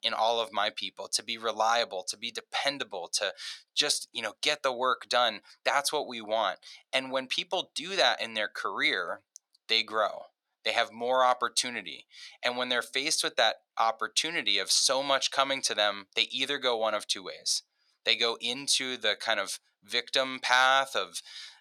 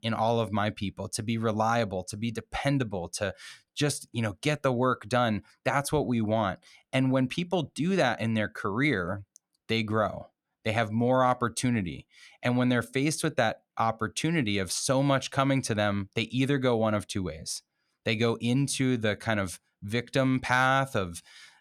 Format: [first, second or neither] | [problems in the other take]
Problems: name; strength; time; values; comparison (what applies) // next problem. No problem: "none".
second | thin; very; fading below 650 Hz